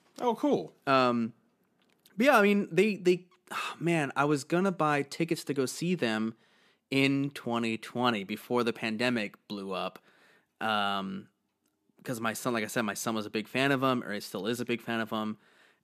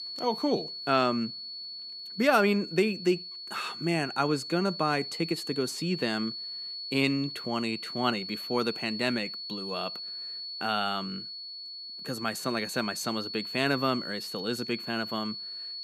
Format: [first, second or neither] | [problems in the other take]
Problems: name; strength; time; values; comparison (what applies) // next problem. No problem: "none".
first | high-pitched whine; loud; throughout; 4.5 kHz, 7 dB below the speech